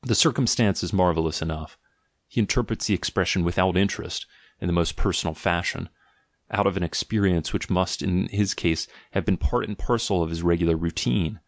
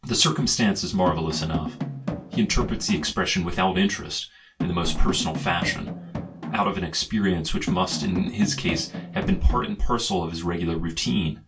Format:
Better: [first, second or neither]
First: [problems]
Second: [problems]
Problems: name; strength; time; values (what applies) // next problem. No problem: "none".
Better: first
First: none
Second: background sound (Drum); 7 dB below the speech // room echo; dies away in 0.2 s